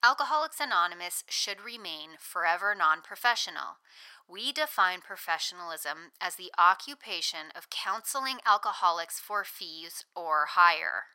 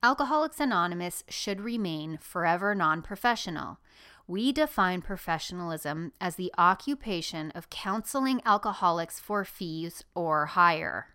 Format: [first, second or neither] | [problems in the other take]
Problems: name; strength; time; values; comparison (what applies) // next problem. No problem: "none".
second | thin; very; fading below 1 kHz